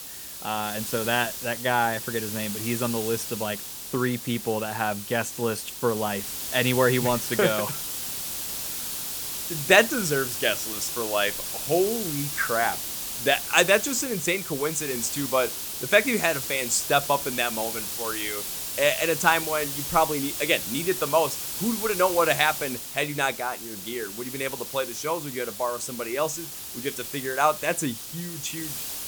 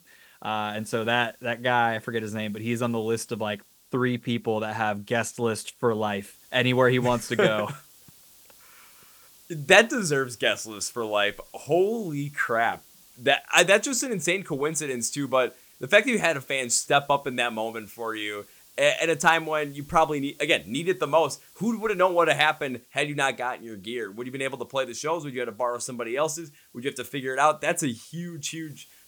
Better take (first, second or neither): second